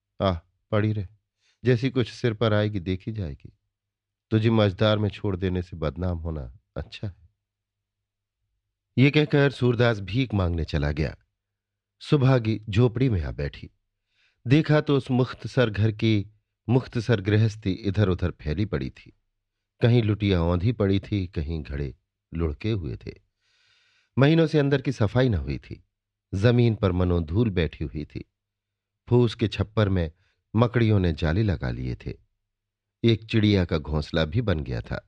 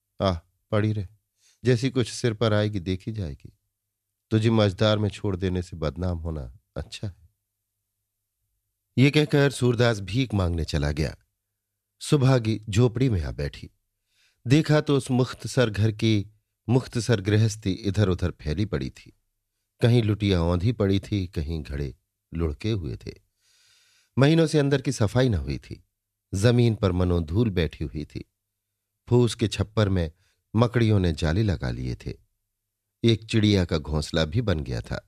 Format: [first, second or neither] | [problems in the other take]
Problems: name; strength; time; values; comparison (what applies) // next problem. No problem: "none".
second | muffled; very slightly; fading above 3 kHz